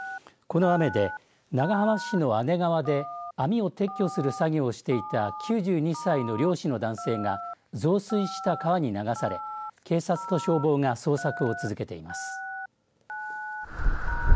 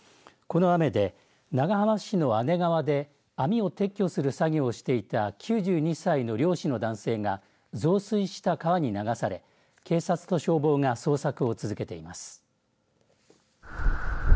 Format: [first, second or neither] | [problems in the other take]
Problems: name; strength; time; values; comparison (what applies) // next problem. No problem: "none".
second | background sound (Telephone); 12 dB below the speech